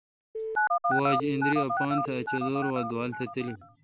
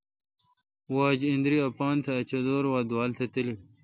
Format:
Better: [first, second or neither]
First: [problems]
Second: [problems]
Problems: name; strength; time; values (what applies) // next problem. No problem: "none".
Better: second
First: background sound (Telephone); 1 dB above the speech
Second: none